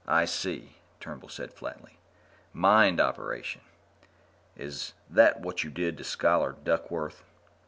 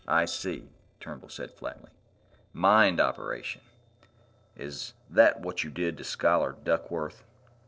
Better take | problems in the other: first | noise reduction (neural separator model SepFormer DNS4)

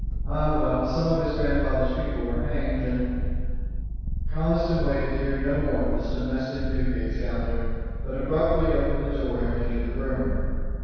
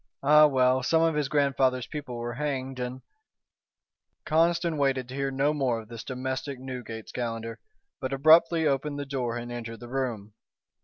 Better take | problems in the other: second | background sound (Purr); 1 dB above the speech // room echo; dies away in 2 s

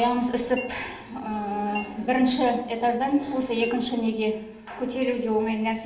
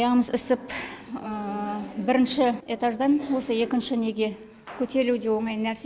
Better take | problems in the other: second | background sound (Chink, clink); 18 dB below the speech // room echo; dies away in 0.8 s

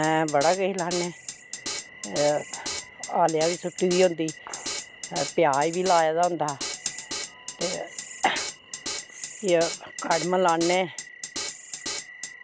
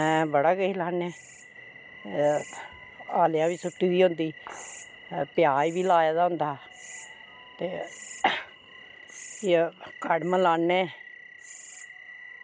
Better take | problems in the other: second | background sound (Drum kit); 9 dB below the speech

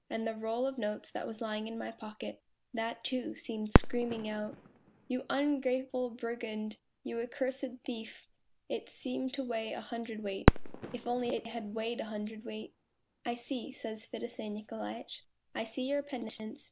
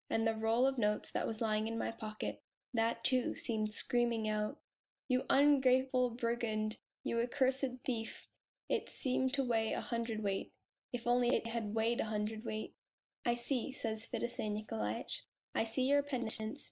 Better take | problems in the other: second | background sound (Fireworks); as loud as the speech

